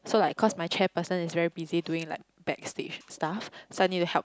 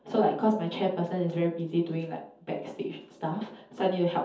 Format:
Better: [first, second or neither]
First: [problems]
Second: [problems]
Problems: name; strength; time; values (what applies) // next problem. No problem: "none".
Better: first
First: none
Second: room echo; dies away in 0.5 s